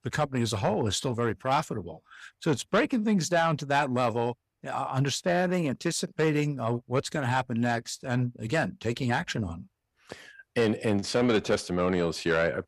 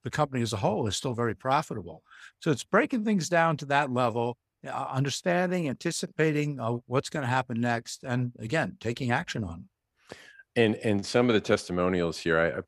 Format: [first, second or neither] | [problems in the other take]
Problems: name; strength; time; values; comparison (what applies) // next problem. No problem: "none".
second | distortion; slight; 10 dB below the speech